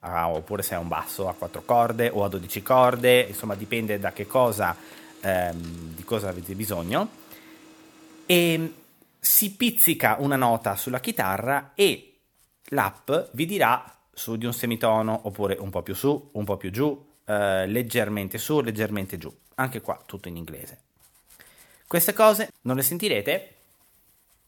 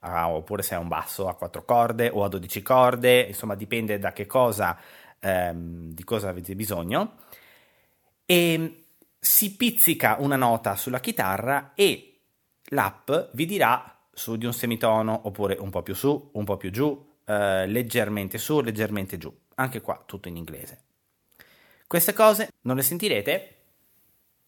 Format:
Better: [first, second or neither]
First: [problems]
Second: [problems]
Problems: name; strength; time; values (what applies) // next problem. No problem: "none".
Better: second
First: household noises; faint; throughout; 25 dB below the speech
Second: none